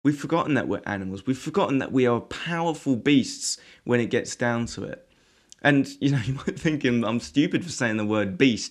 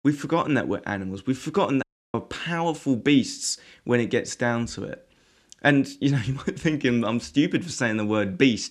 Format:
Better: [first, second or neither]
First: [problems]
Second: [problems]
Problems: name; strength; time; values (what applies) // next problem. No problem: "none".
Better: first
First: none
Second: audio cutting out; at 2 s